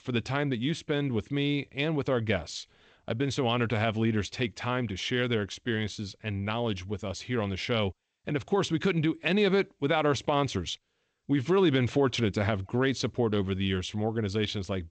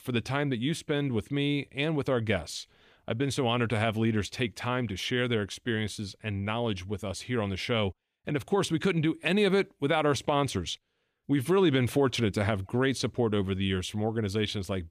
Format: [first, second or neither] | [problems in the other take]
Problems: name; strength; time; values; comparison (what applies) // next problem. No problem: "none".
second | garbled, watery; slightly; nothing above 7.5 kHz